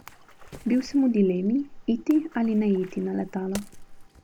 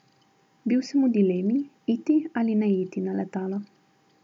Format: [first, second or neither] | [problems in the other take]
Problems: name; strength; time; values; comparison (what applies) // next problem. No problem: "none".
second | background sound (Wood + Splash, splatter); 19 dB below the speech